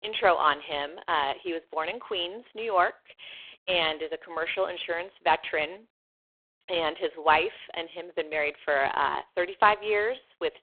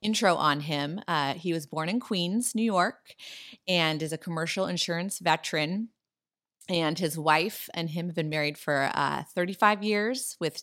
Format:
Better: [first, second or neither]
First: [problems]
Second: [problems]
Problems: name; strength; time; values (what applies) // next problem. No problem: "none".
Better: second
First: phone-call audio; poor line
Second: none